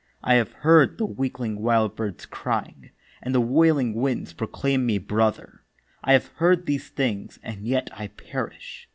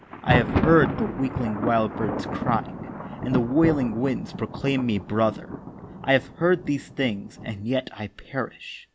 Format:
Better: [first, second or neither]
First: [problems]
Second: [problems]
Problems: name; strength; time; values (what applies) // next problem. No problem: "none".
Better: first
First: none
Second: background sound (Thunder); 5 dB below the speech